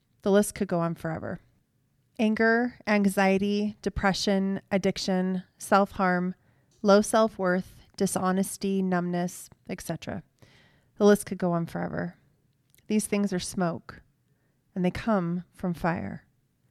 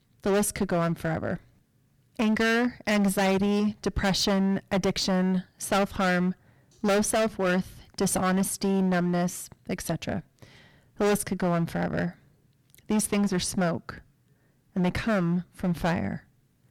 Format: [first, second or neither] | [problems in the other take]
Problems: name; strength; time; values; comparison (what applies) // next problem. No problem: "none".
first | distortion; heavy; 13% of the sound clipped